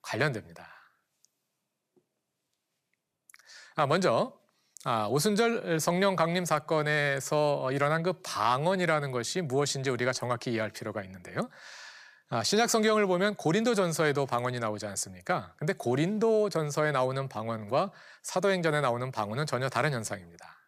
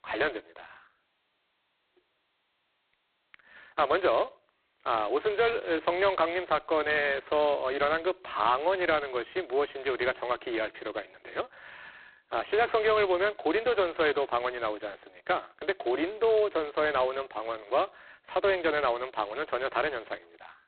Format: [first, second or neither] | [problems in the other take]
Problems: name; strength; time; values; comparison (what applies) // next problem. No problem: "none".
first | phone-call audio; poor line; nothing above 4 kHz